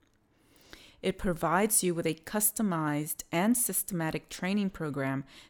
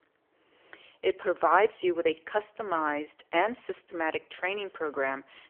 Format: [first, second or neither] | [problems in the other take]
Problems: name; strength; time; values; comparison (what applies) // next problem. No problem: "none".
first | phone-call audio; poor line; nothing above 3 kHz